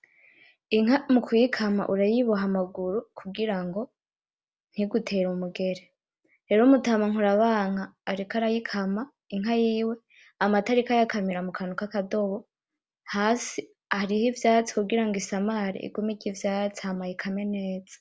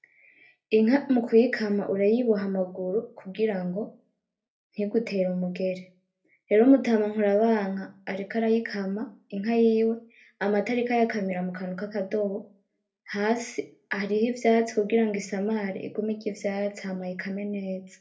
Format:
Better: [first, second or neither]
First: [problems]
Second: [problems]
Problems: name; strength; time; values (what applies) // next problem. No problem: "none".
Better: first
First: none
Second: room echo; dies away in 0.3 s